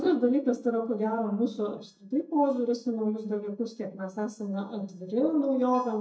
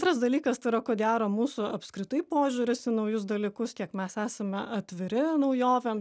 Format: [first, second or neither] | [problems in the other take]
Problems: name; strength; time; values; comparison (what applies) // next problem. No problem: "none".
second | noise reduction (neural mask model DeepFilterNet 3)